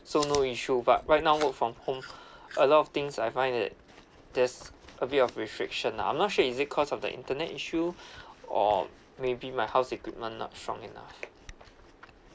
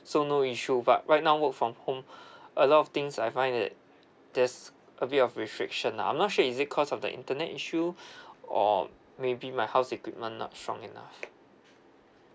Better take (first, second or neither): second